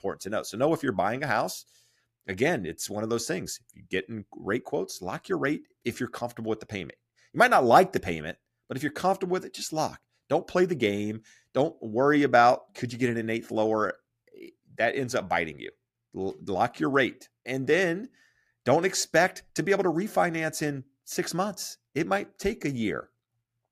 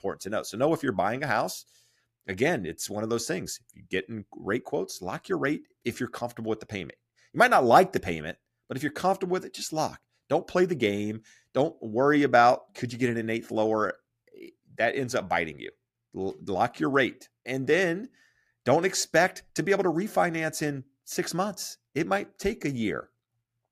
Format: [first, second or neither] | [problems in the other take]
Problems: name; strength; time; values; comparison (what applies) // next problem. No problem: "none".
neither | none